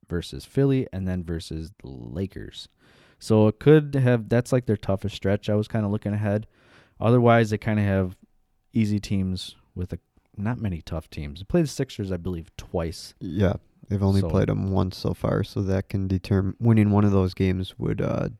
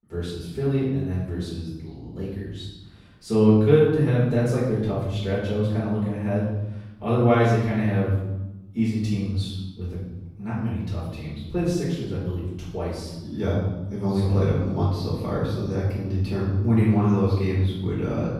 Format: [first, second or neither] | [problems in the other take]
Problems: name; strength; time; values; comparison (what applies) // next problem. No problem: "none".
first | off-mic speech; far // room echo; noticeable; dies away in 1 s